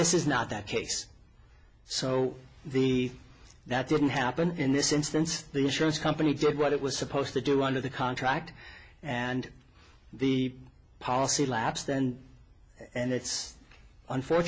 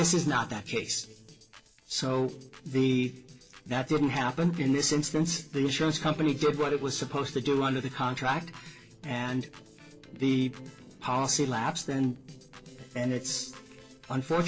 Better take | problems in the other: first | noise reduction (neural separator model SepFormer DNS4)

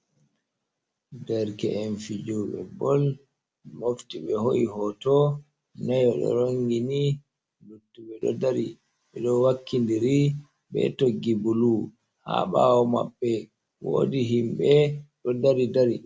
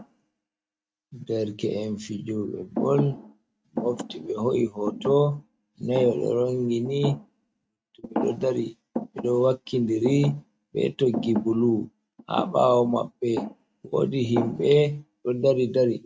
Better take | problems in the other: first | noise reduction (neural mask model RNNoise)

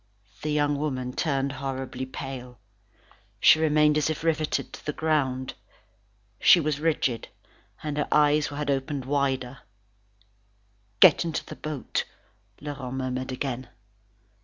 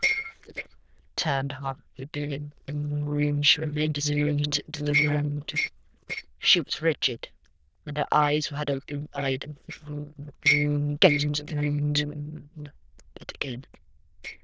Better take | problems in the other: first | noise reduction (neural diffusion model UNIVERSE++)

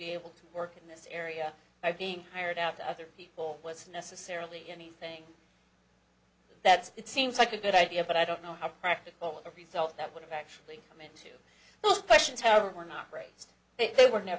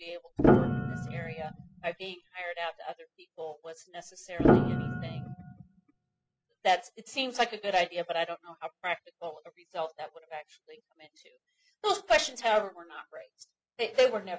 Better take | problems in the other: first | noise reduction (classical method spectral subtraction)

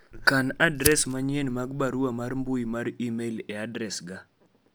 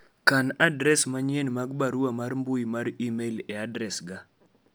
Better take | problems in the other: second | background sound (Fire); 8 dB below the speech

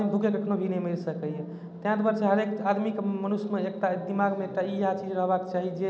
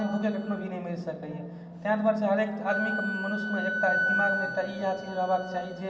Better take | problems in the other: first | background sound (Wind instrument, woodwind instrument); 4 dB below the speech // room echo; dies away in 2.5 s

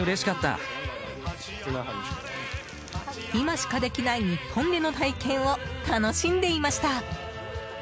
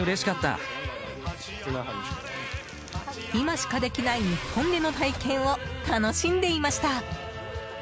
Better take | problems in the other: first | background sound (Tools); 14 dB below the speech

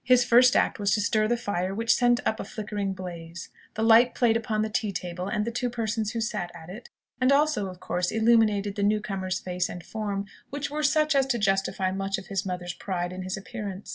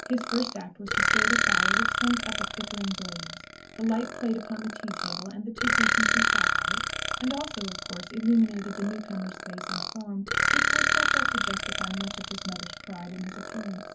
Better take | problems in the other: first | background sound (Burping, eructation); 4 dB above the speech // room echo; dies away in 0.4 s

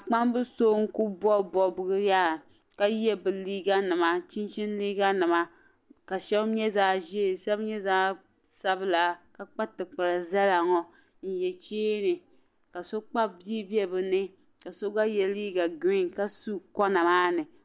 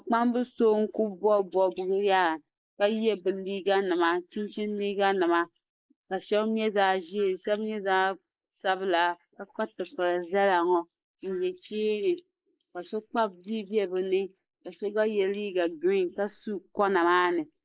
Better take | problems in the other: first | noise reduction (neural mask model Resemble Enhance denoiser)

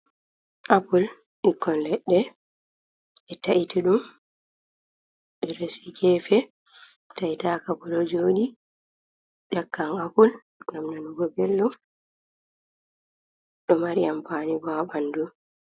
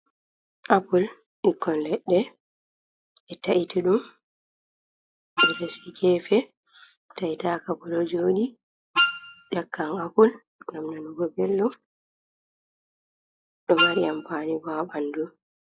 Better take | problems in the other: first | noise reduction (classical method log-MMSE)

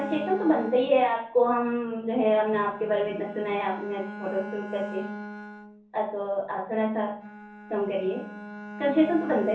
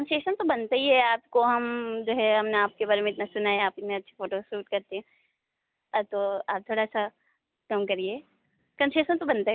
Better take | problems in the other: second | background sound (Bowed string instrument); 13 dB below the speech // room echo; dies away in 0.6 s

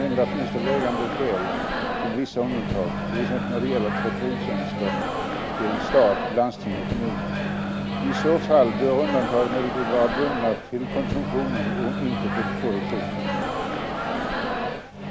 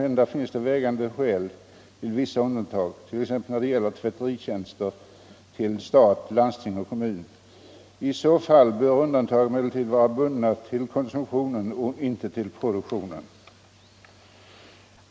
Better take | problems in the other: second | background sound (Microwave oven); 1 dB below the speech

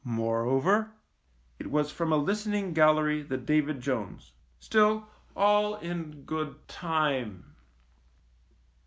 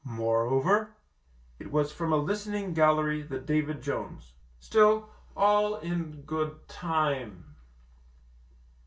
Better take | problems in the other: first | room echo; dies away in 0.1 s

